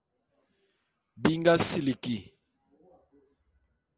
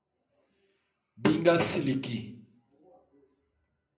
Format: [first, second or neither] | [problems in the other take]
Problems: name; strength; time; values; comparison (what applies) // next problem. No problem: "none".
first | room echo; dies away in 0.5 s